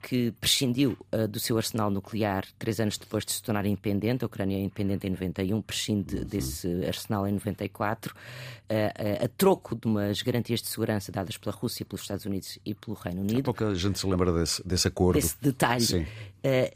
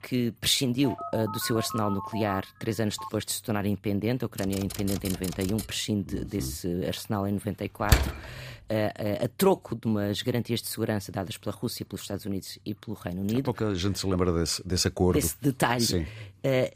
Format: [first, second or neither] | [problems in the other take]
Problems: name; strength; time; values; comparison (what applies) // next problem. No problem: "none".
first | phone ringing; noticeable; from 1 to 3 s; peak 8 dB below the speech // keyboard typing; noticeable; from 4.5 to 5.5 s; peak 7 dB below the speech // door banging; loud; at 8 s; peak 3 dB above the speech